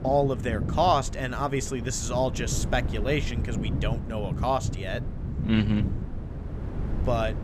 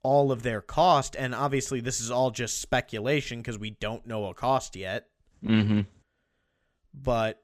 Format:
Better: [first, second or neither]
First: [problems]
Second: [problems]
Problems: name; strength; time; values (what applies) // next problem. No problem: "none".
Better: second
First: wind noise on the microphone; occasional gusts; 15 dB below the speech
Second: none